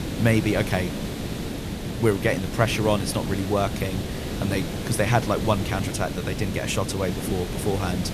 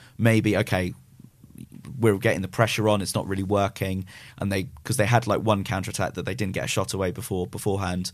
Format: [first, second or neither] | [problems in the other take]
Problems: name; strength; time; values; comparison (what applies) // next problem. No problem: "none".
second | hiss; loud; throughout; 5 dB below the speech